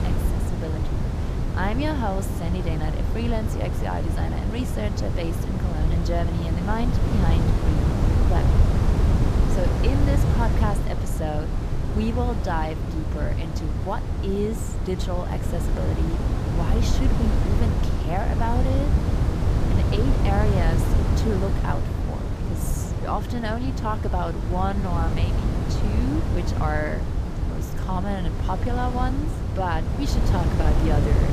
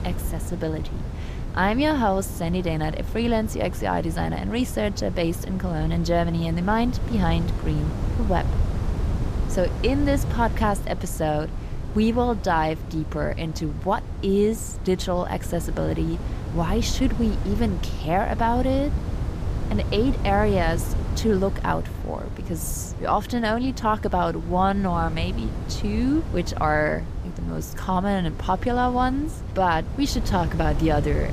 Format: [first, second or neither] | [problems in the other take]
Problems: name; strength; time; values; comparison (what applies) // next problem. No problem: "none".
second | wind noise on the microphone; heavy; 3 dB below the speech; occasional gusts in the second